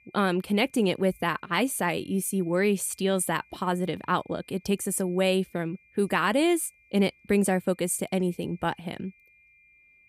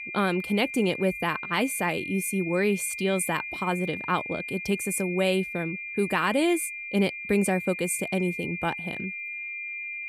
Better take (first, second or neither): first